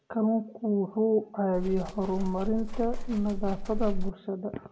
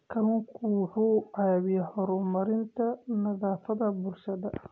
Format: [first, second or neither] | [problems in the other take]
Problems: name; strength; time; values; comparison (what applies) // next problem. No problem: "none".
second | background sound (Livestock, farm animals, working animals); 2 dB below the speech // room echo; dies away in 0.8 s